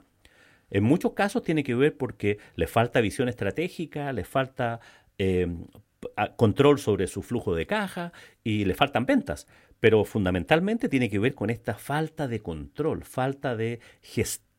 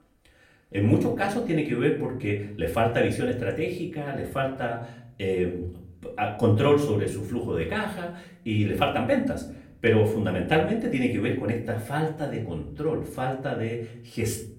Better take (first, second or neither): first